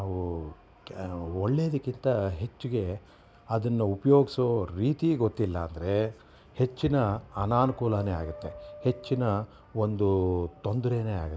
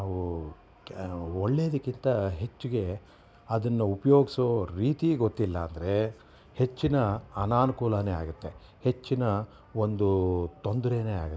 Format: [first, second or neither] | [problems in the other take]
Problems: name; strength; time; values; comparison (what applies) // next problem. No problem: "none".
second | background sound (Wind instrument, woodwind instrument); 20 dB below the speech